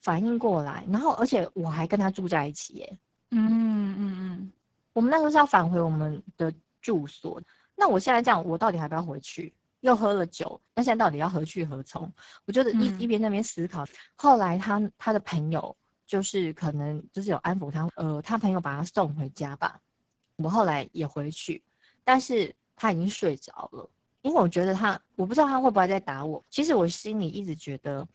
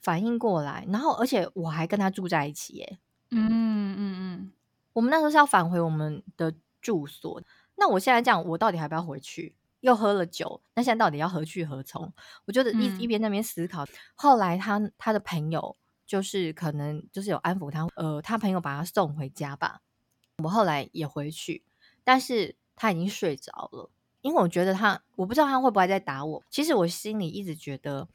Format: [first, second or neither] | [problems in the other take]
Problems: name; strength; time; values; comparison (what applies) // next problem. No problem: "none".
second | garbled, watery; badly; nothing above 7.5 kHz